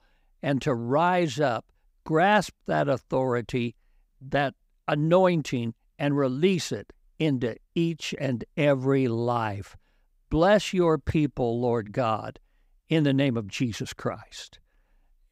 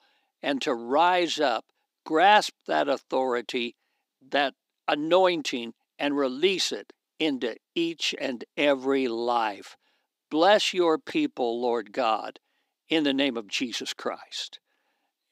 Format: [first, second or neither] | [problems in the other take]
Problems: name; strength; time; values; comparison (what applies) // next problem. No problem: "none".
first | thin; very slightly; fading below 300 Hz